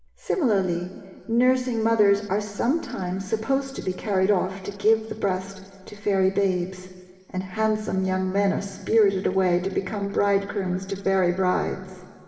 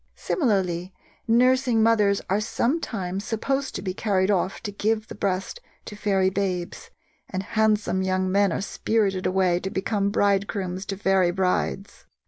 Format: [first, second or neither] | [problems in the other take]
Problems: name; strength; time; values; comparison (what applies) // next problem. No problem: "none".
second | room echo; dies away in 1.9 s